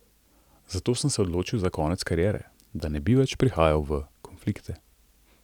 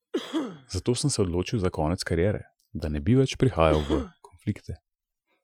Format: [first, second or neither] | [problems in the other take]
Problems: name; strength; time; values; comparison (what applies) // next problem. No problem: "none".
first | noise reduction (classical method Wiener filter)